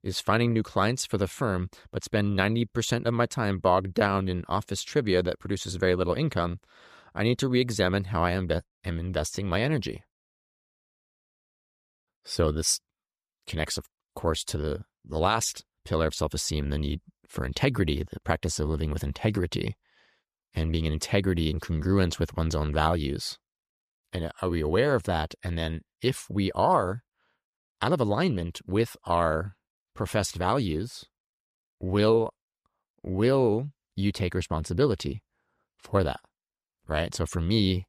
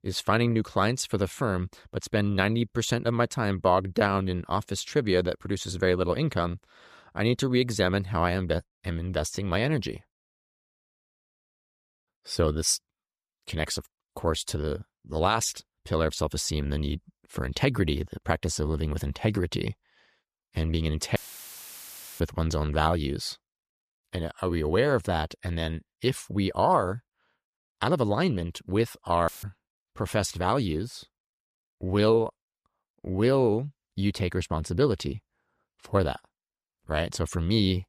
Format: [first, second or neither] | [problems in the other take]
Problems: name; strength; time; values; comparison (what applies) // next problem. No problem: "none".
first | audio cutting out; filled with static; at 21 s for 1 s and at 29 s